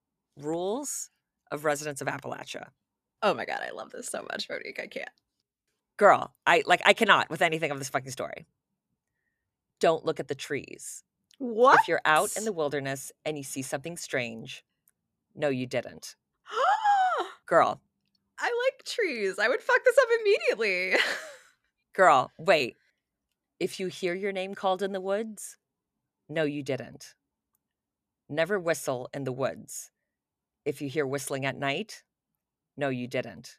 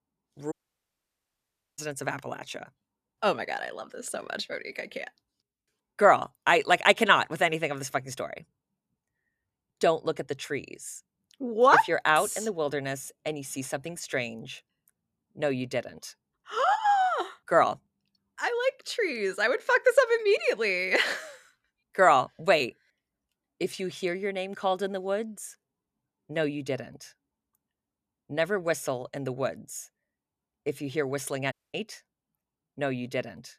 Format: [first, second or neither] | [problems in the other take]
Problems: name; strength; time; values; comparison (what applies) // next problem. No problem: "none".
first | audio cutting out; at 0.5 s for 1.5 s and at 32 s